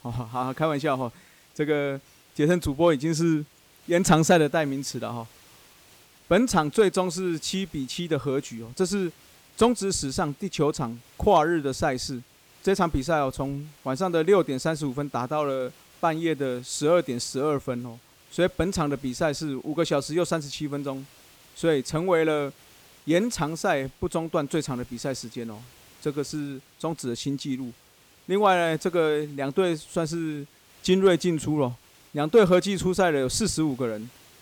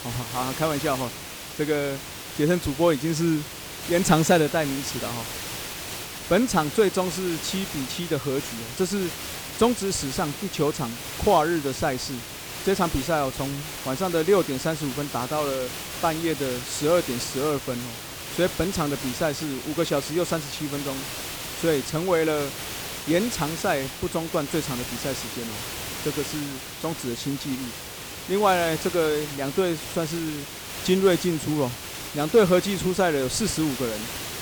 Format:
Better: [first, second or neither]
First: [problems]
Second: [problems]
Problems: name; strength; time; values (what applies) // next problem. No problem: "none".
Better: first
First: hiss; faint; throughout; 25 dB below the speech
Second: hiss; loud; throughout; 7 dB below the speech